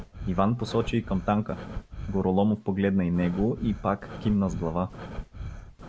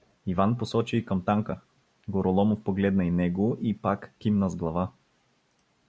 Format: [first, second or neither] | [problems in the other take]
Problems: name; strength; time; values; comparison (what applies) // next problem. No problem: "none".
second | background sound (Breathing); 11 dB below the speech